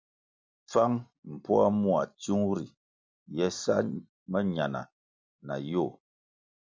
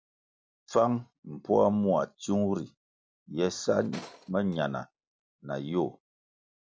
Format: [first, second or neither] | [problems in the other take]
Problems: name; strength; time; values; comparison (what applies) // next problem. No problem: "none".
first | background sound (Tools); 20 dB below the speech